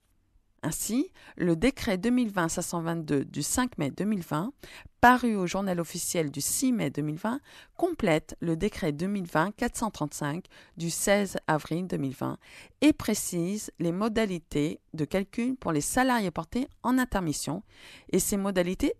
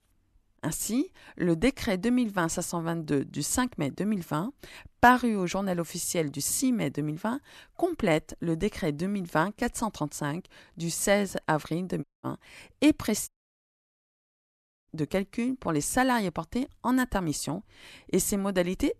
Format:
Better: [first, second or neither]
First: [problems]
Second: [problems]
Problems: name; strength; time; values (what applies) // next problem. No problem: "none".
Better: first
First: none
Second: audio cutting out; at 12 s and at 13 s for 1.5 s